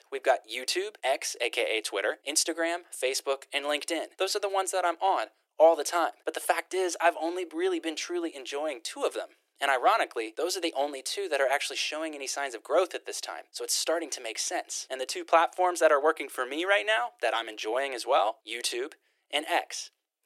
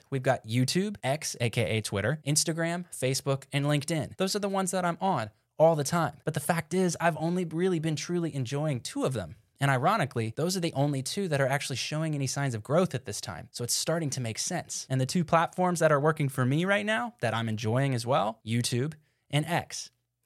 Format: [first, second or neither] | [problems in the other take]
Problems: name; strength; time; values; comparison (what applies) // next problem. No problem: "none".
second | thin; very; fading below 300 Hz